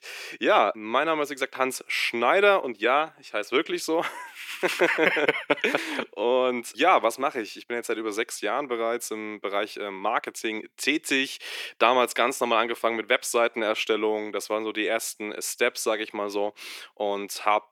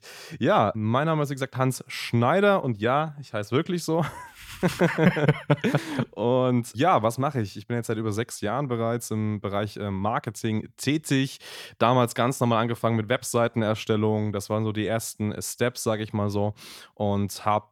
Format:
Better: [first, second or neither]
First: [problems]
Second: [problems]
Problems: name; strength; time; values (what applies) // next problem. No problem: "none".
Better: second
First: thin; somewhat; fading below 350 Hz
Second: none